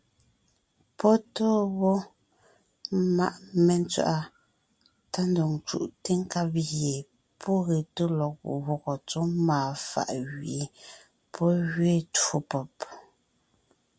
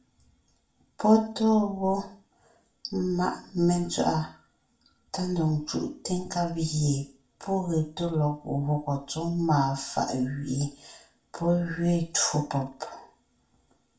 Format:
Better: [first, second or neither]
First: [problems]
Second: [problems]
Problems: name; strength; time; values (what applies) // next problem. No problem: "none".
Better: first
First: none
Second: room echo; dies away in 0.4 s